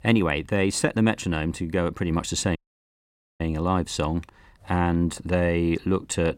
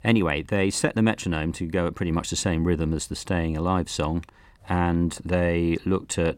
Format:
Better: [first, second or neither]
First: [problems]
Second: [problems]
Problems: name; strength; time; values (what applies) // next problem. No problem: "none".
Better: second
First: audio cutting out; at 2.5 s for 1 s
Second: none